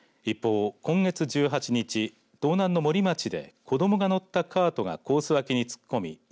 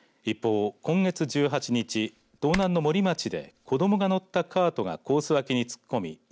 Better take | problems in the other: first | background sound (Typing); 15 dB below the speech

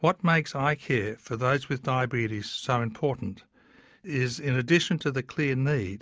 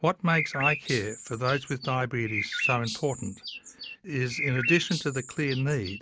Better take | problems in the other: first | background sound (Bird); 5 dB below the speech

